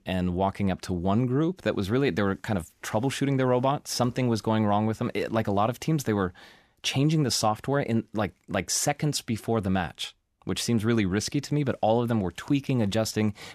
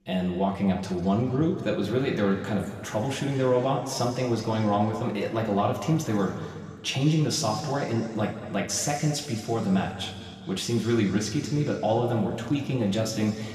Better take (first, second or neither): first